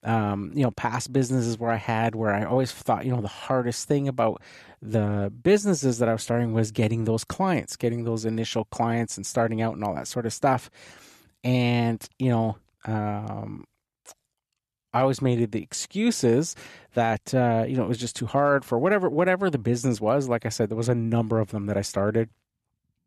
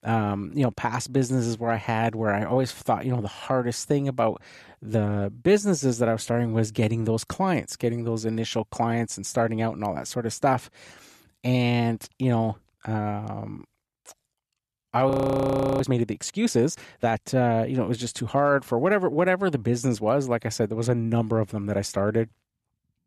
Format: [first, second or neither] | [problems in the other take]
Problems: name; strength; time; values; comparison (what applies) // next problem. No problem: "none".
first | audio freezing; at 15 s for 0.5 s